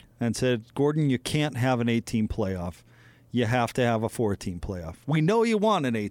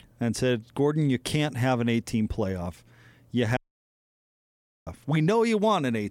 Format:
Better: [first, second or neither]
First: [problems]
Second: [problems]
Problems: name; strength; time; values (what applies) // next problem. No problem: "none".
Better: first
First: none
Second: audio cutting out; at 3.5 s for 1.5 s